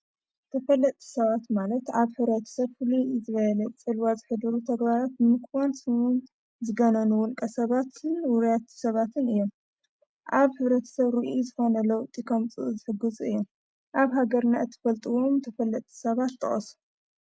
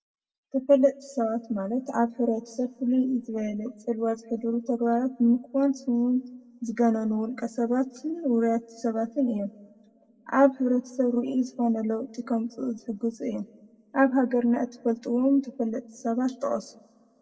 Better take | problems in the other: first | room echo; dies away in 1.5 s

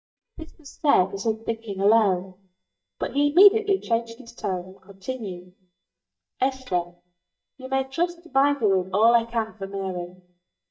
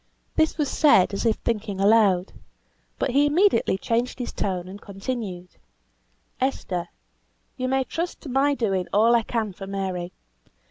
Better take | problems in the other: second | noise reduction (neural mask model DeepFilterNet 3)

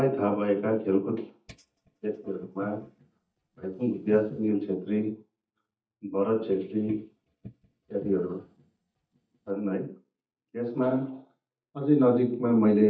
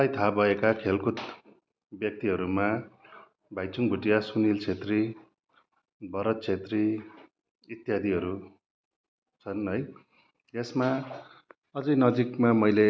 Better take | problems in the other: second | noise reduction (neural mask model DeepFilterNet 3)

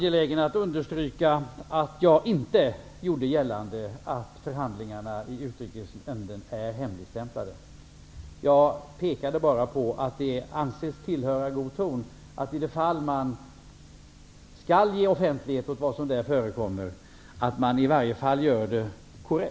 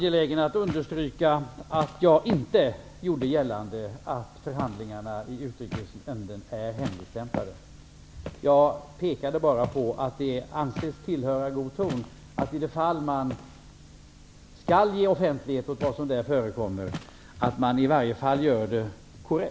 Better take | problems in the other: first | background sound (Walk, footsteps); 15 dB below the speech

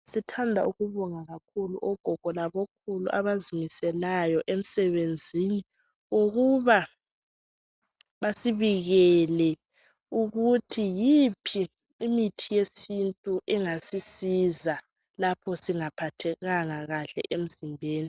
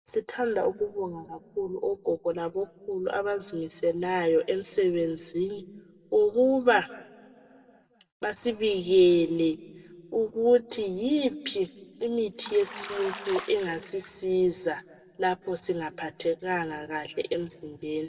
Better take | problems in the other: first | background sound (Bathtub (filling or washing)); 14 dB below the speech // room echo; dies away in 1.8 s

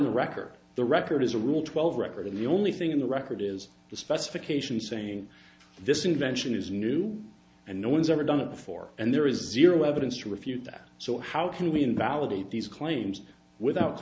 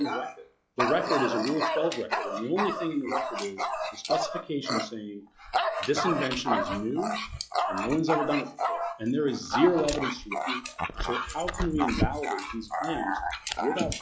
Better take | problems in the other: first | noise reduction (classical method log-MMSE)

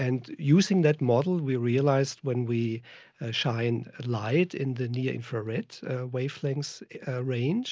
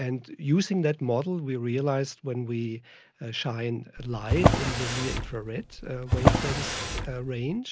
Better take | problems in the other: first | background sound (Drawer open or close); 3 dB above the speech

